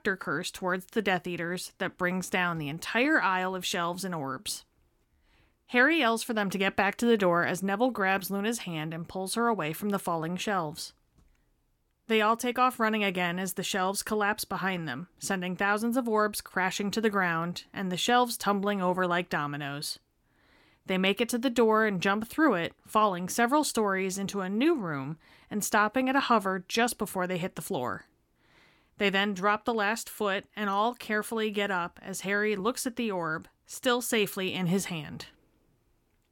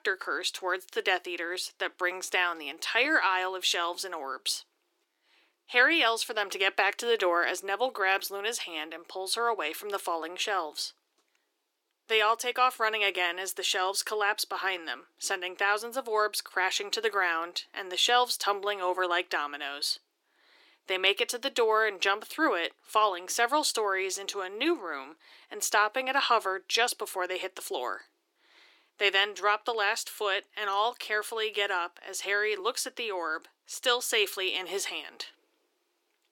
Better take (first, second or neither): first